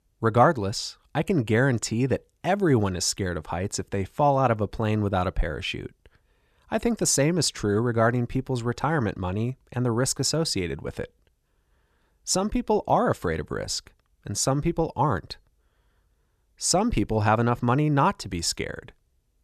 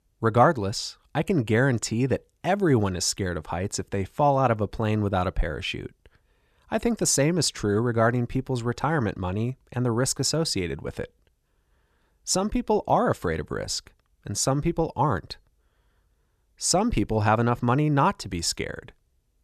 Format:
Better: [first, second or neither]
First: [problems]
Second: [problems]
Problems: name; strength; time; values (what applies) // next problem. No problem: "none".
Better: neither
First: none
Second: none